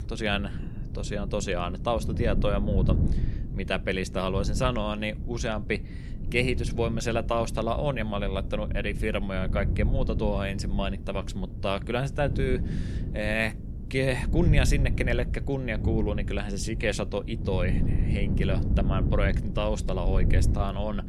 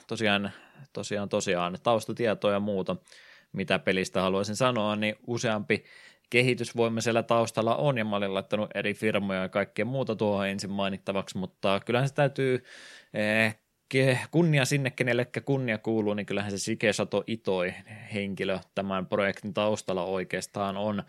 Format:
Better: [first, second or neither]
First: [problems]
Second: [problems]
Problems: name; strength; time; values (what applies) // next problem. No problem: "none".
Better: second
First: wind noise on the microphone; occasional gusts; 10 dB below the speech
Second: none